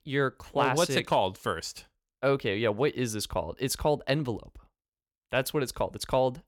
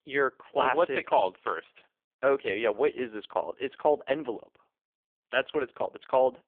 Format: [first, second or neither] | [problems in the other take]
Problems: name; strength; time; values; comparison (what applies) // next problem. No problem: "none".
first | phone-call audio; poor line